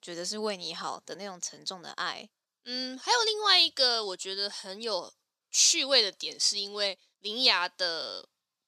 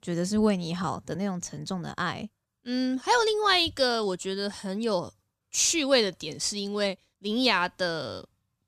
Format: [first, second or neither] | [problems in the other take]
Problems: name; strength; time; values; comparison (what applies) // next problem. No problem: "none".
second | thin; somewhat; fading below 450 Hz